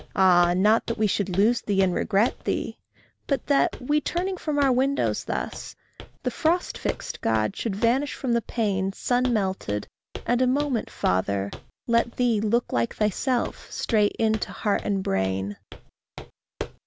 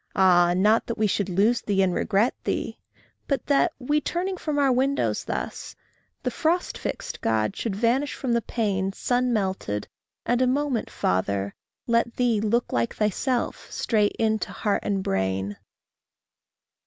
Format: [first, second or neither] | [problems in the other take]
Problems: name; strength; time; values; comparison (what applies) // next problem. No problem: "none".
second | background sound (Walk, footsteps); 16 dB below the speech